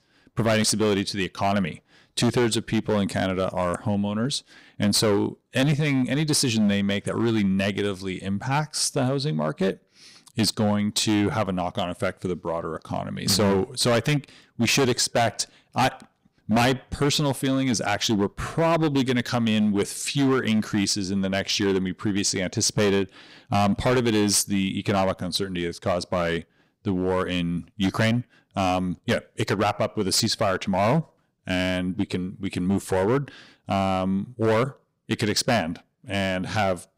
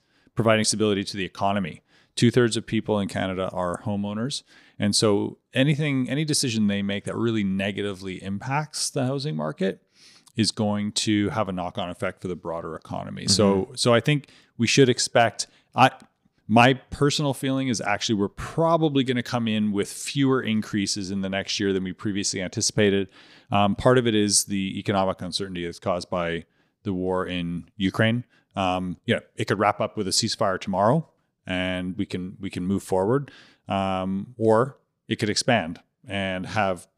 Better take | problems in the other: second | distortion; heavy; 9% of the sound clipped

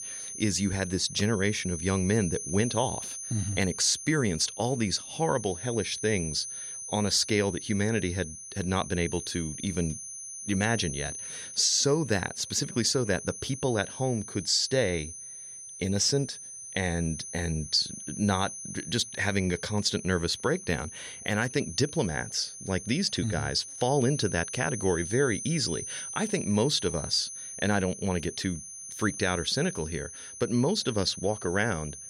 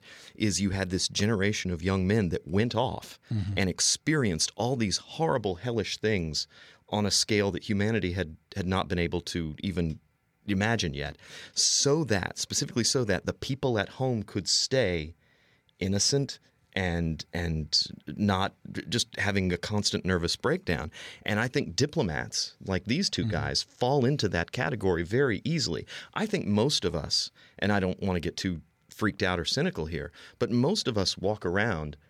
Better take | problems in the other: second | high-pitched whine; loud; throughout; 6 kHz, 9 dB below the speech

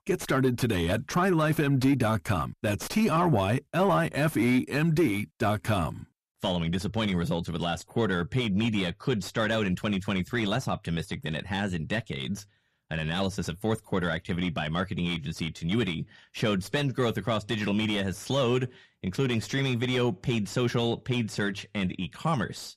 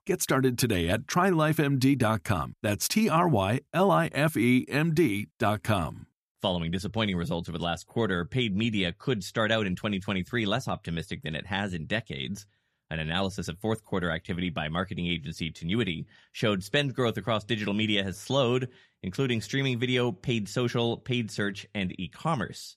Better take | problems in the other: second | distortion; slight; 10 dB below the speech

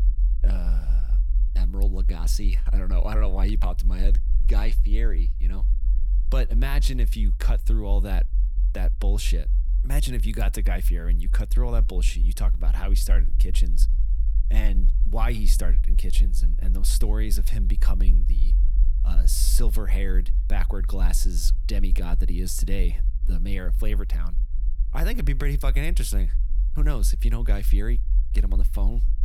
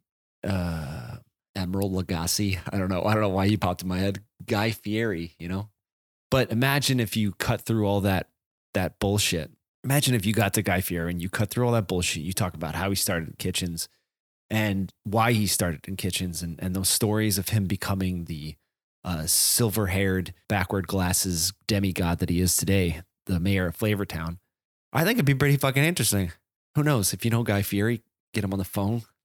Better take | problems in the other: second | low rumble; noticeable; throughout; 15 dB below the speech

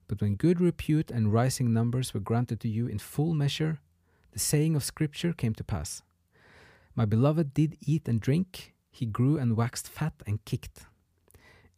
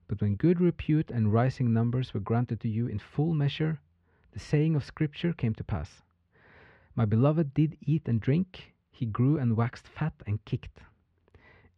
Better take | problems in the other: first | muffled; very; fading above 3 kHz

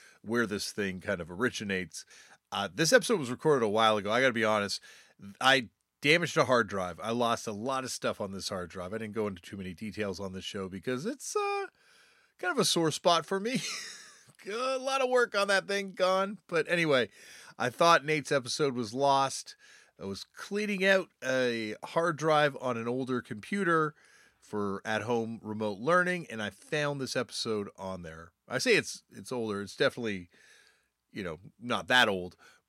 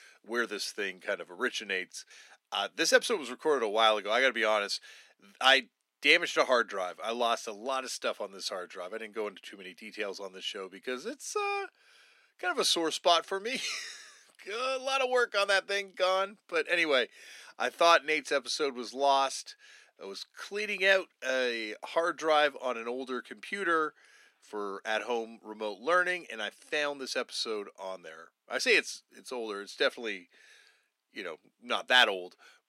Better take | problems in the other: first | thin; somewhat; fading below 300 Hz

